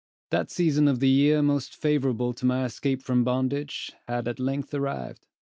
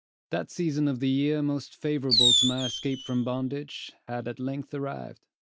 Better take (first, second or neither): first